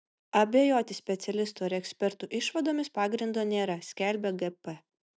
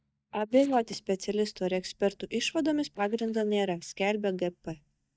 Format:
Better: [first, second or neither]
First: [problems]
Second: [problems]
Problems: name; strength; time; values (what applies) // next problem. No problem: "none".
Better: first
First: none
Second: noise reduction (neural mask model DeepFilterNet 3)